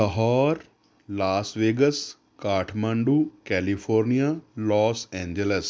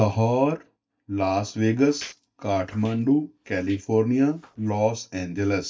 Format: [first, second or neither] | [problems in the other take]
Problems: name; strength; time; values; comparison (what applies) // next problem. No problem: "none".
first | noise reduction (neural mask model DeepFilterNet 3)